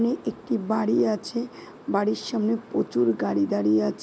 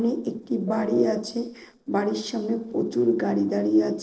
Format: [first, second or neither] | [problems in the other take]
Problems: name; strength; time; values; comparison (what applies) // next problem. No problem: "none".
first | noise reduction (neural separator model SepFormer DNS4)